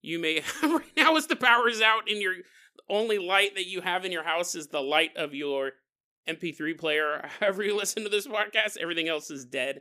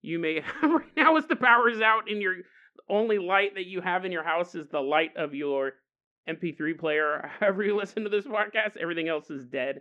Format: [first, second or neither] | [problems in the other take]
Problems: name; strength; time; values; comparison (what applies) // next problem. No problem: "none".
first | muffled; very; fading above 1.5 kHz